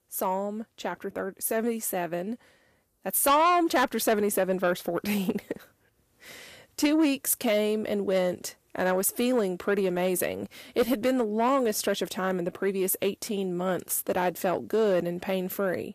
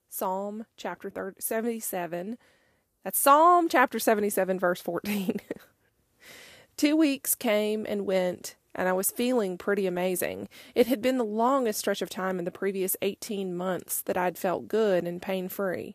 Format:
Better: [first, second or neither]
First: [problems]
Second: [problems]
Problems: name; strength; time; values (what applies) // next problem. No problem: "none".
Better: second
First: distortion; slight; 10 dB below the speech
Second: none